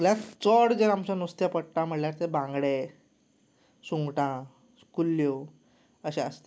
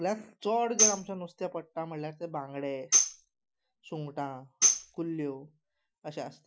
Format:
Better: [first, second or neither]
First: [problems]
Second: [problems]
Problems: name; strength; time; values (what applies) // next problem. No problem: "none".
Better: first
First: none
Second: noise reduction (classical method Wiener filter)